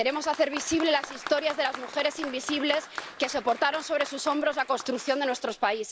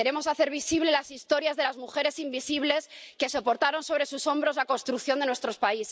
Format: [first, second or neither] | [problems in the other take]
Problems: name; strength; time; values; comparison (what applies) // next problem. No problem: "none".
second | background sound (Applause); 13 dB below the speech